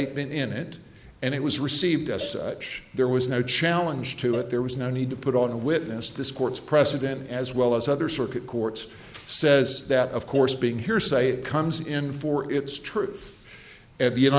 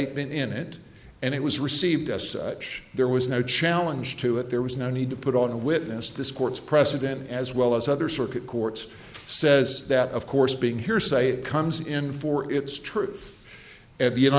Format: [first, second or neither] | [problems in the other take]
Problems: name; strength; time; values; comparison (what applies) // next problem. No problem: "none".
second | background sound (Cowbell); 19 dB below the speech